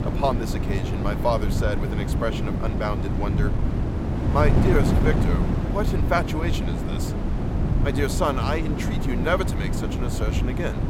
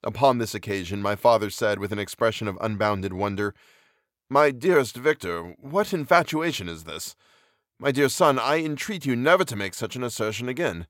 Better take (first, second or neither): second